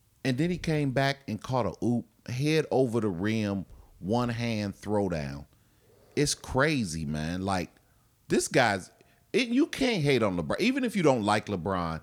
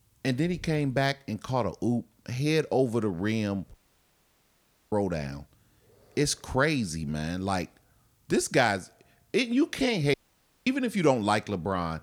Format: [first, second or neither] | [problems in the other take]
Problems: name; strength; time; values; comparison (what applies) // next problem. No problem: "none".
first | audio cutting out; at 3.5 s for 1 s and at 10 s for 0.5 s